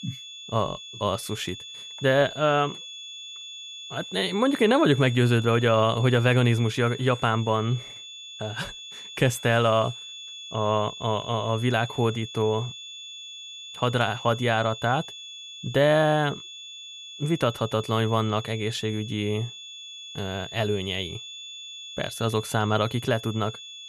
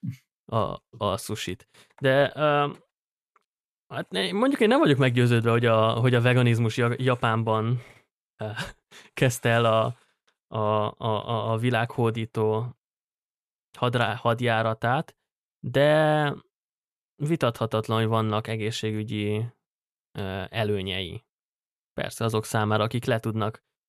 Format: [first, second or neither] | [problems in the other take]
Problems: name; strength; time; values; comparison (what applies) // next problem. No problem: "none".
second | high-pitched whine; noticeable; throughout; 3.5 kHz, 15 dB below the speech